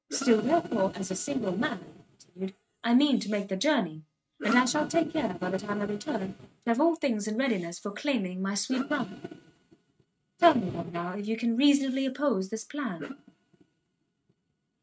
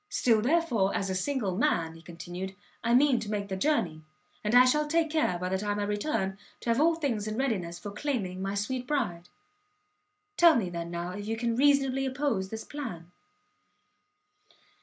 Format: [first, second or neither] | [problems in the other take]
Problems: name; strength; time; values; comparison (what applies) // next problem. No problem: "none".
second | noise reduction (neural mask model RNNoise)